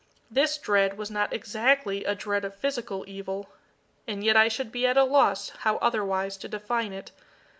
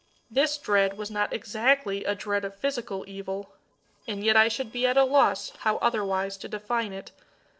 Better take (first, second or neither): first